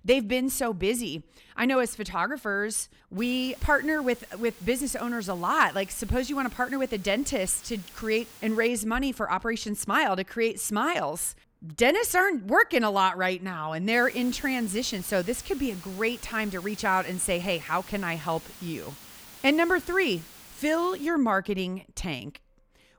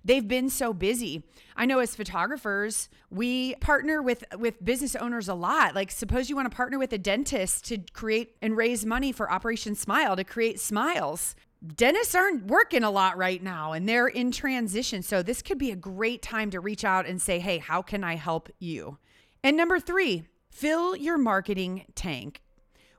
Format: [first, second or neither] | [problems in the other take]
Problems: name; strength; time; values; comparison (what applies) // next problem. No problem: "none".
second | hiss; noticeable; from 3 to 8.5 s and from 14 to 21 s; 20 dB below the speech